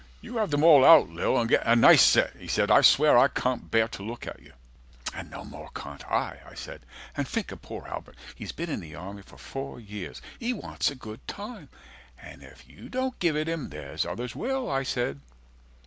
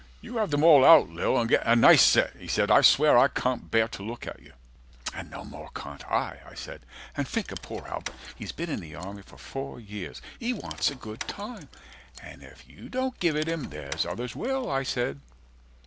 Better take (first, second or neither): first